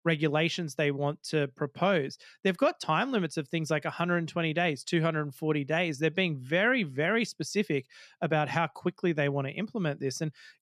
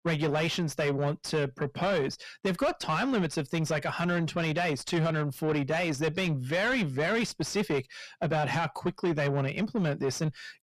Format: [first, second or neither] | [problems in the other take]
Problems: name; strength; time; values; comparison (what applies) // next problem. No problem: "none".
first | distortion; heavy; 6 dB below the speech